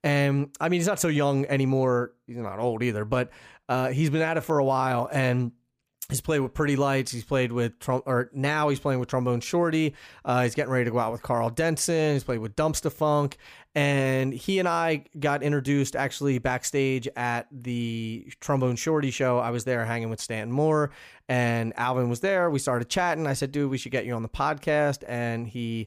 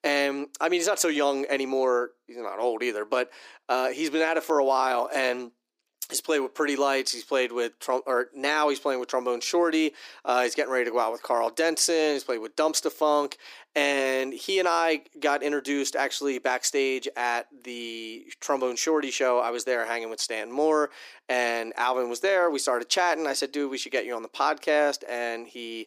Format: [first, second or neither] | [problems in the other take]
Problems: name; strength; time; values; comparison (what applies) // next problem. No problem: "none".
first | thin; somewhat; fading below 300 Hz